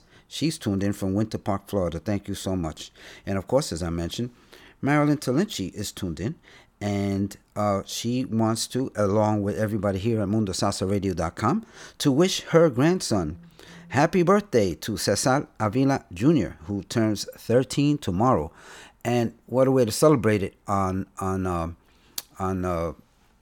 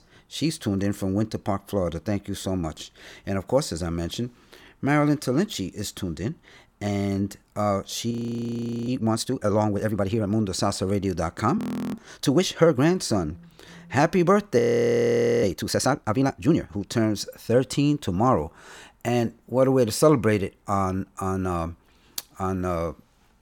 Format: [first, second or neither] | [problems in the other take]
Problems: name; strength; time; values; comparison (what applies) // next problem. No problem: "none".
first | audio freezing; at 8 s for 1 s, at 12 s and at 15 s for 1 s